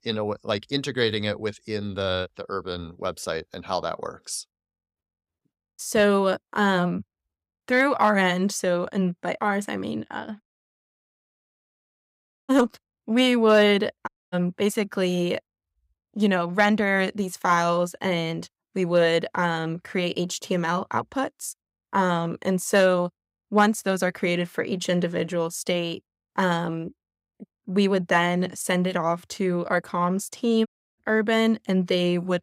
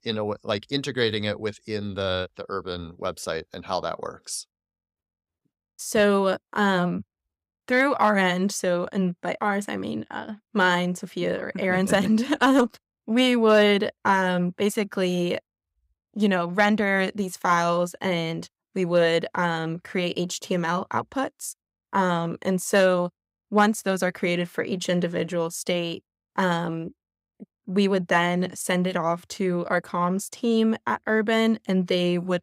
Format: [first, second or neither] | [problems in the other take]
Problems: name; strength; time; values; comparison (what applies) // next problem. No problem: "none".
second | audio cutting out; at 10 s for 2 s, at 14 s and at 31 s